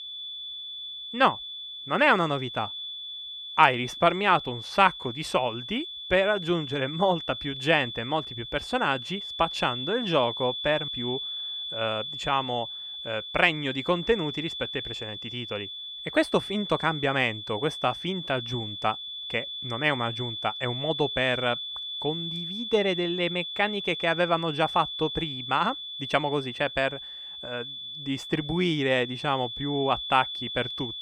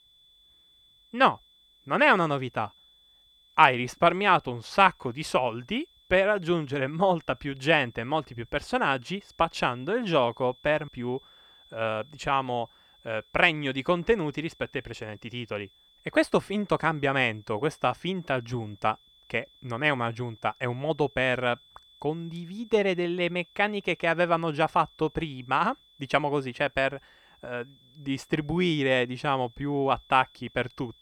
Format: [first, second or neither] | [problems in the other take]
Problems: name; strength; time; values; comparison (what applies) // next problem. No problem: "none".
second | high-pitched whine; loud; throughout; 3.5 kHz, 7 dB below the speech; faint in the second